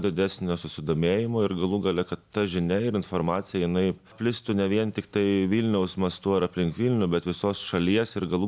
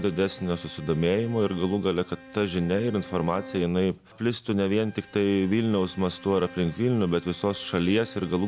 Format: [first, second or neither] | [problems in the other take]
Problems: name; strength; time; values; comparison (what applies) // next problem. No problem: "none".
first | background sound (Bowed string instrument); 20 dB below the speech